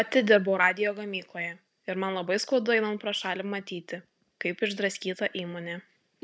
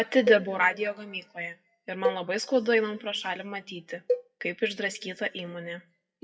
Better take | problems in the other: first | noise reduction (classical method WPE with log-MMSE)

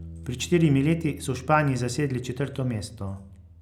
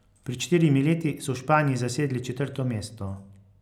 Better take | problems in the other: second | background sound (Bass guitar); 18 dB below the speech

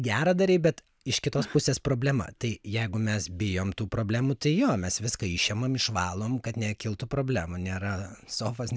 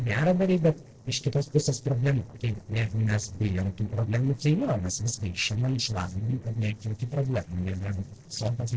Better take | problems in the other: first | noise reduction (neural separator model SepFormer DNS4)

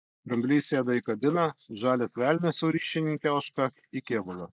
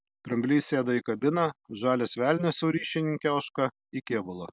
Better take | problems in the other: second | noise reduction (neural mask model Resemble Enhance denoiser)

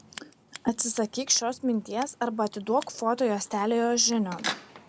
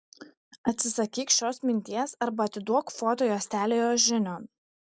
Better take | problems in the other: second | background sound (Scissors); 15 dB below the speech

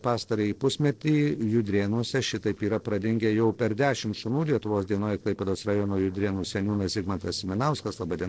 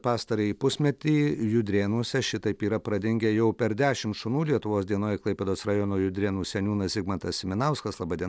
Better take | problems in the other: second | noise reduction (neural separator model SepFormer DNS4)

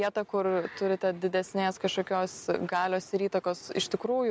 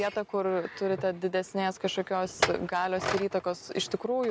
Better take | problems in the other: first | background sound (Chink, clink); 8 dB below the speech

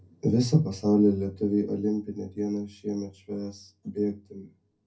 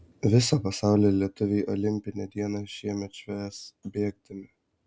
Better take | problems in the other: second | room echo; dies away in 0.3 s

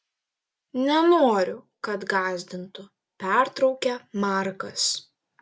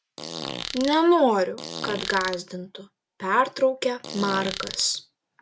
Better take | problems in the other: first | background sound (Fart); 10 dB below the speech

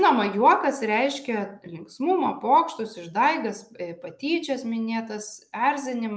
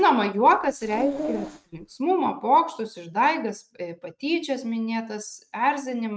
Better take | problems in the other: first | noise reduction (neural mask model RNNoise)

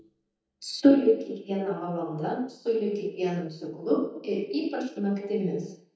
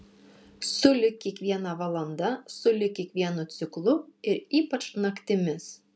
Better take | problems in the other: second | noise reduction (neural mask model DeepFilterNet 3)

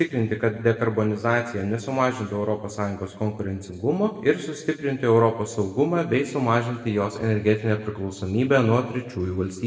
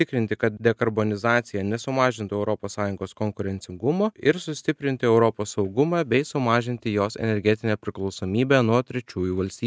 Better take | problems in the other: second | room echo; dies away in 1.1 s

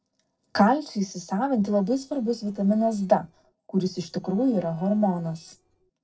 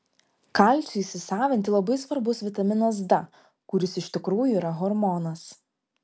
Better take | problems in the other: second | noise reduction (neural separator model SepFormer DNS4)

